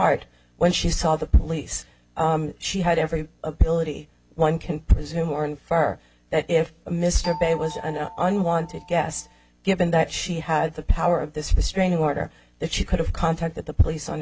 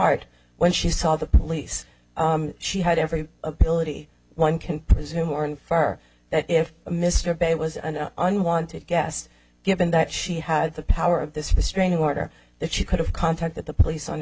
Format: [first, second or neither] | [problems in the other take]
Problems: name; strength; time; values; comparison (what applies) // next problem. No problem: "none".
second | background sound (Doorbell); 15 dB below the speech